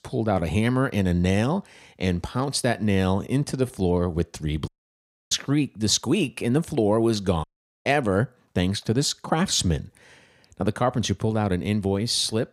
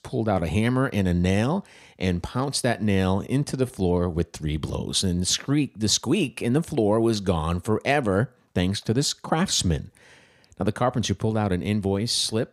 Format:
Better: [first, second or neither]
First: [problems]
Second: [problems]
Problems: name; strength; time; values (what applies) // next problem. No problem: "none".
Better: second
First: audio cutting out; at 4.5 s for 0.5 s and at 7.5 s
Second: none